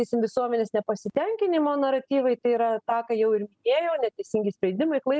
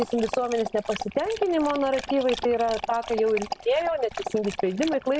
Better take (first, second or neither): first